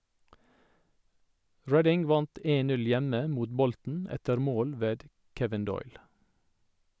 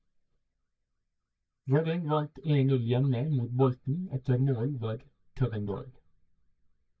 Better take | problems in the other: first | noise reduction (neural mask model DeepFilterNet 3)

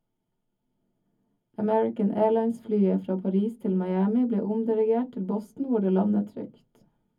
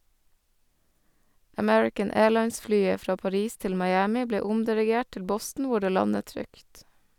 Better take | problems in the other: second | room echo; dies away in 0.3 s

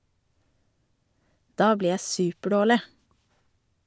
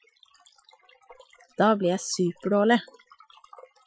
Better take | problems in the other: first | noise reduction (classical method Wiener filter)

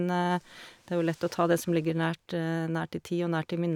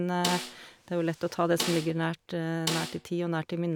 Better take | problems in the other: first | background sound (Snare drum); 8 dB below the speech

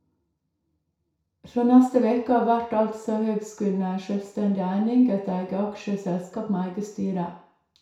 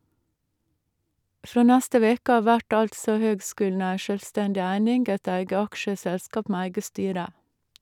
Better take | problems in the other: second | room echo; dies away in 0.6 s

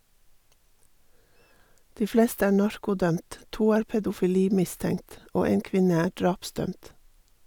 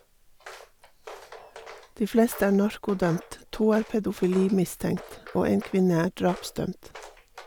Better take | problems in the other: first | background sound (Walk, footsteps); 19 dB below the speech

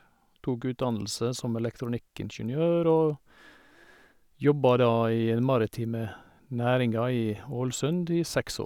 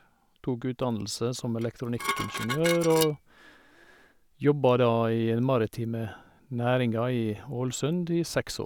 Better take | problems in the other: first | background sound (Dishes, pots, and pans); 6 dB below the speech

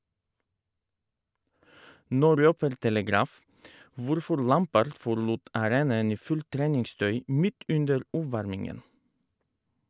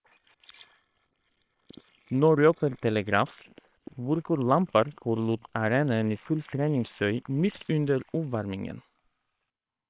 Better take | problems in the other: first | noise reduction (neural separator model SepFormer WHAM!)

